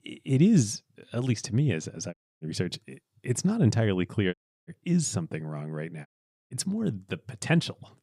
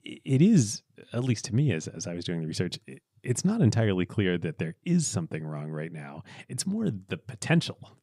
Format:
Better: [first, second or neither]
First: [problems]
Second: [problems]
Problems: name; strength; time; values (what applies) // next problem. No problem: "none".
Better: second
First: audio cutting out; at 2 s, at 4.5 s and at 6 s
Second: none